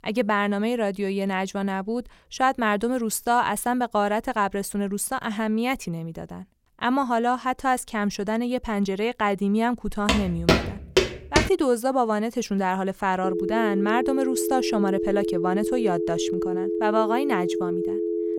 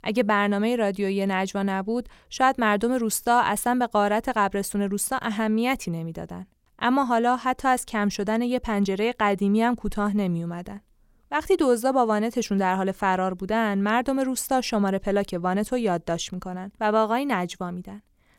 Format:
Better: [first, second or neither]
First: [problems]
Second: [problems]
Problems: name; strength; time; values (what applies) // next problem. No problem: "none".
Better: second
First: footsteps; loud; from 10 to 11 s; peak 3 dB above the speech // phone ringing; noticeable; from 13 s on; peak 1 dB below the speech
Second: none